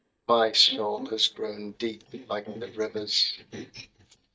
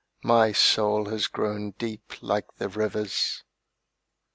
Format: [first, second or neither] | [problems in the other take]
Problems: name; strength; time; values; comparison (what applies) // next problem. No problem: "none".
second | noise reduction (neural mask model DeepFilterNet 3)